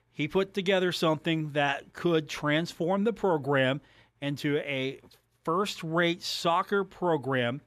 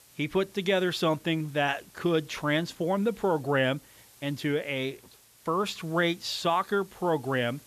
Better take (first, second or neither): first